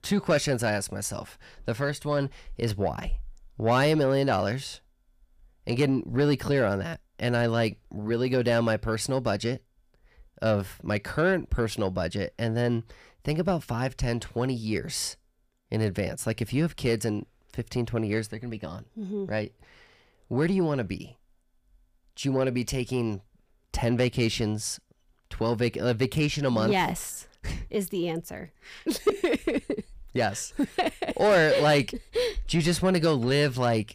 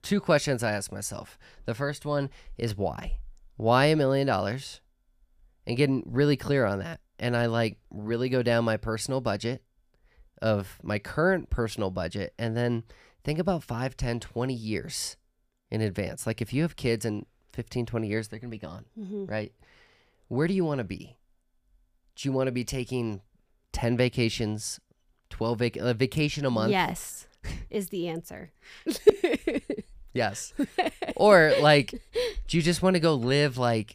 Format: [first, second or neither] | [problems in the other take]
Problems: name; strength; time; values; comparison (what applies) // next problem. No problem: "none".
second | distortion; slight; 10 dB below the speech